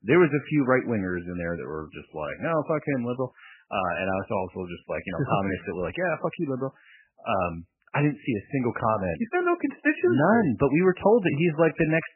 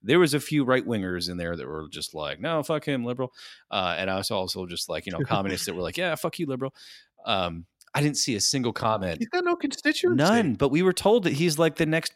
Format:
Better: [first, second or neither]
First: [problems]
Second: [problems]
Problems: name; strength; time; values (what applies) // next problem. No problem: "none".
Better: second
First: garbled, watery; badly; nothing above 3 kHz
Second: none